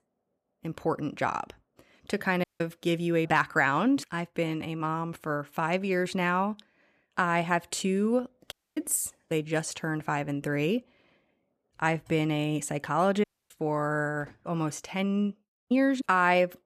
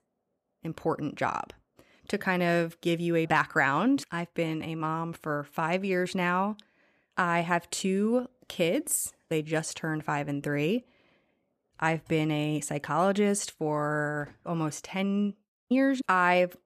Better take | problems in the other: second | audio cutting out; at 2.5 s, at 8.5 s and at 13 s

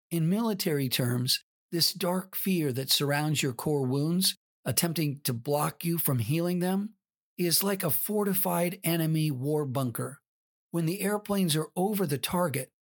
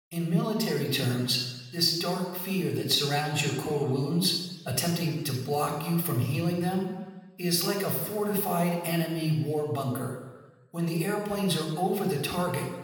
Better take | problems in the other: first | room echo; noticeable; dies away in 1.1 s // off-mic speech; somewhat distant

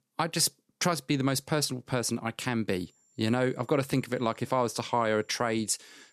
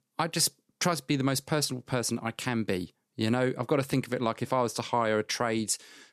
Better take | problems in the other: second | high-pitched whine; faint; from 3 s on; 7.5 kHz, 35 dB below the speech

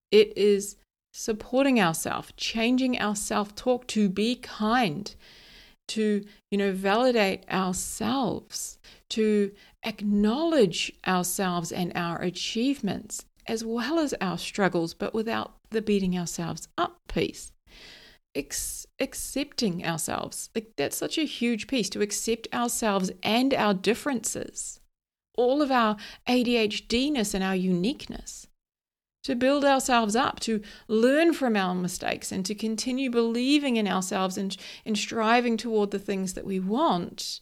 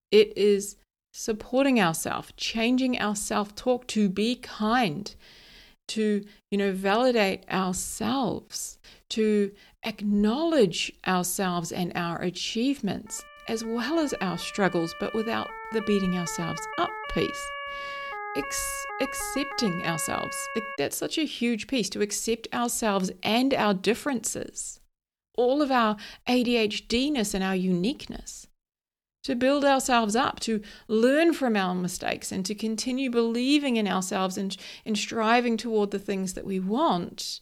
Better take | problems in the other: first | siren; noticeable; from 13 to 21 s; peak 7 dB below the speech

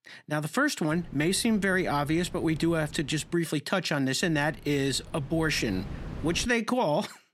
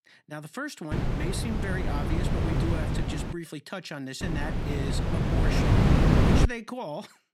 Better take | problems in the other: first | wind noise on the microphone; heavy; from 1 to 3.5 s and from 4 to 6.5 s; 4 dB above the speech; occasional gusts in the first

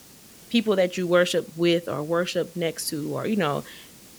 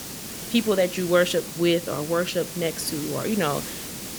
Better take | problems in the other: first | hiss; loud; throughout; 9 dB below the speech; faint in the first

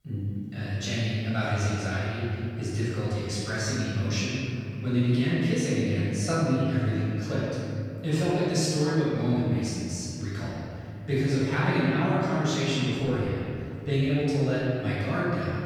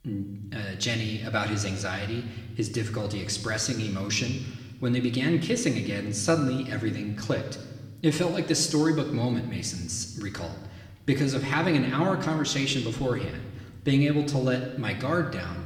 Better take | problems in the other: second | room echo; strong; dies away in 2.9 s; slight in the second // off-mic speech; far; somewhat distant in the second

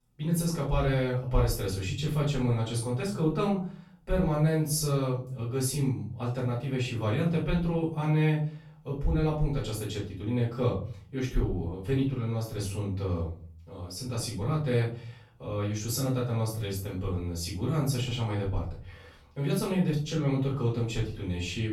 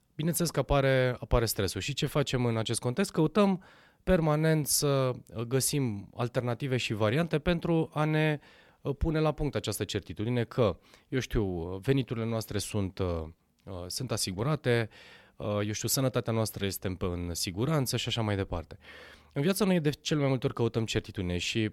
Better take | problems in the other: second | off-mic speech; far // room echo; noticeable; dies away in 0.4 s

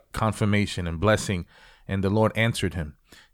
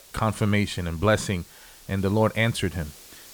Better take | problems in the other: first | hiss; faint; throughout; 20 dB below the speech

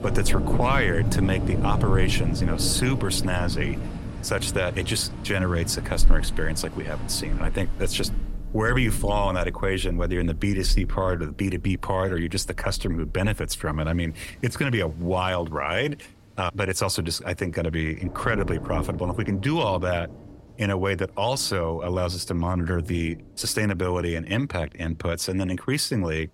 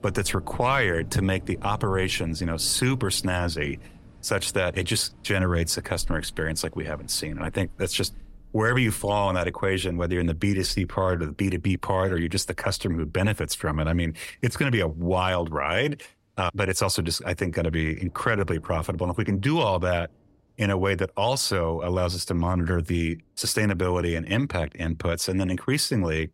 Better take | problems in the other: second | rain or running water; loud; throughout; 5 dB below the speech; faint in the second

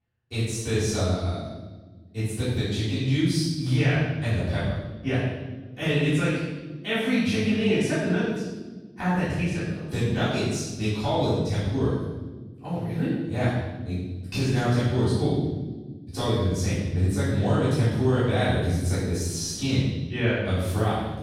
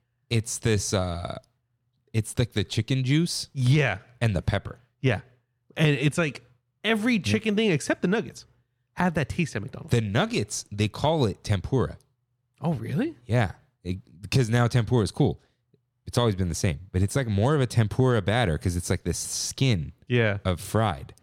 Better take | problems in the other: second | off-mic speech; far // room echo; strong; dies away in 1.2 s

